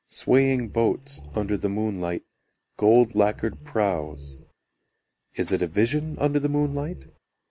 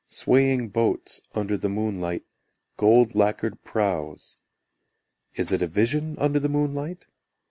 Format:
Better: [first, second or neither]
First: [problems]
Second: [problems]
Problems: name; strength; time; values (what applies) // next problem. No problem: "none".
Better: second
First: background sound (Growling); 17 dB below the speech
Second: none